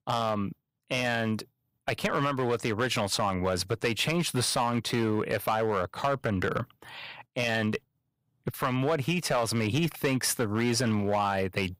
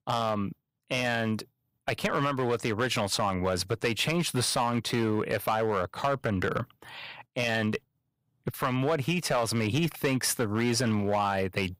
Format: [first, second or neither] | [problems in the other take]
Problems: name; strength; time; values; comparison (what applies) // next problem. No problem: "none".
neither | distortion; slight; 5% of the sound clipped; the same in both